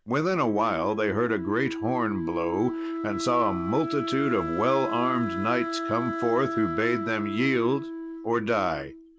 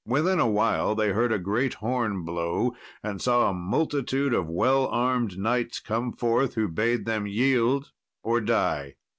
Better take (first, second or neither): second